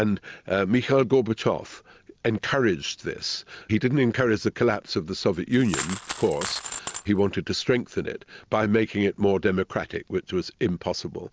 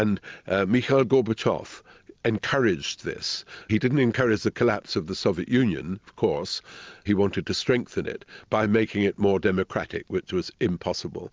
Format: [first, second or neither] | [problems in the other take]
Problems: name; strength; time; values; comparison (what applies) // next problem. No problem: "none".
second | background sound (Coin (dropping)); 10 dB below the speech